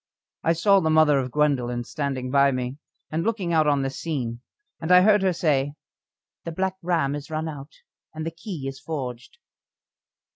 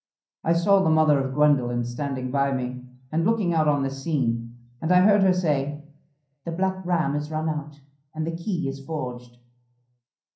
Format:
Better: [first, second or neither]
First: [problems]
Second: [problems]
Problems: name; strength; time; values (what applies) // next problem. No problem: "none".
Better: first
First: none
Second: room echo; dies away in 0.6 s